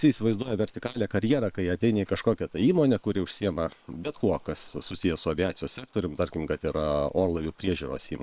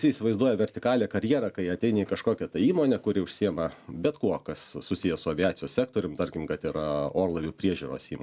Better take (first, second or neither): second